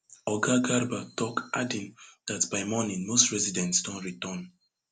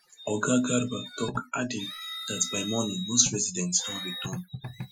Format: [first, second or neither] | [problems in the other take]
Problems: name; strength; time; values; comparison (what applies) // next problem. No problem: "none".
first | noise reduction (classical method Wiener filter)